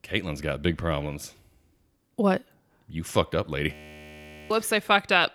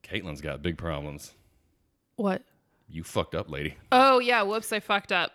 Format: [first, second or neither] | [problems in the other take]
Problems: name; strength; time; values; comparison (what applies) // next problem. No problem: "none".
second | audio freezing; at 3.5 s for 1 s